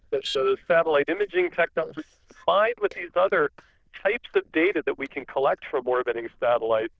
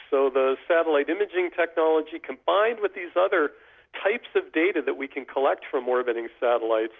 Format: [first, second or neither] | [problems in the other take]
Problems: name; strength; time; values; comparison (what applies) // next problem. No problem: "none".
second | noise reduction (neural diffusion model UNIVERSE++)